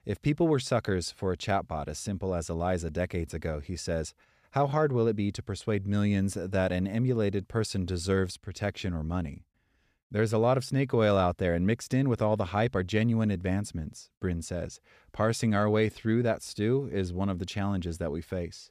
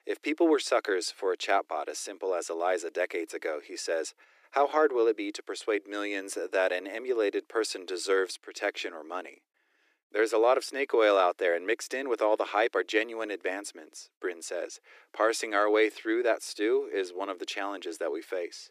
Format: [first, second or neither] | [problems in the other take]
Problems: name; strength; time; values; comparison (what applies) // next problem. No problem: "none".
first | thin; very; fading below 300 Hz